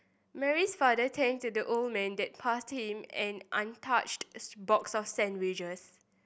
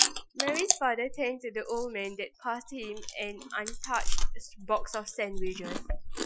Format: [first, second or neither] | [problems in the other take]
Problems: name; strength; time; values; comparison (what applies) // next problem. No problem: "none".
first | noise reduction (classical method Wiener filter)